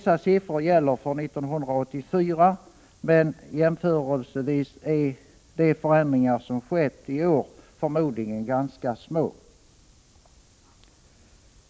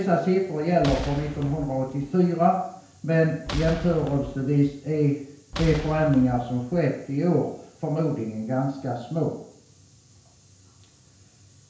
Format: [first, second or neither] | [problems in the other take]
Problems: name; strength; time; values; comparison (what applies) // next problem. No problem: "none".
first | background sound (Boom); 9 dB below the speech // room echo; dies away in 0.5 s